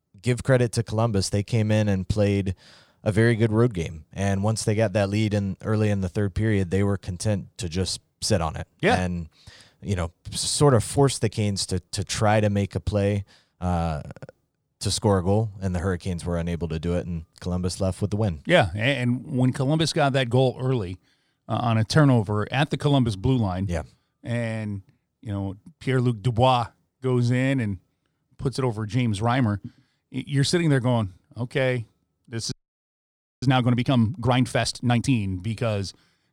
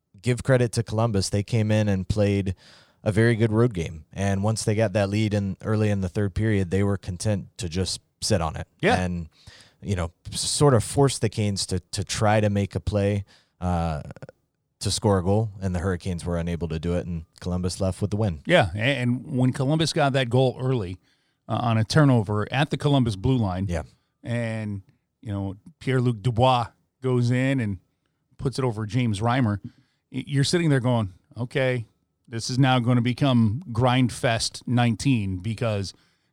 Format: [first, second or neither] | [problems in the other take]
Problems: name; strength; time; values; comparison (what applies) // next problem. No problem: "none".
second | audio freezing; at 33 s for 1 s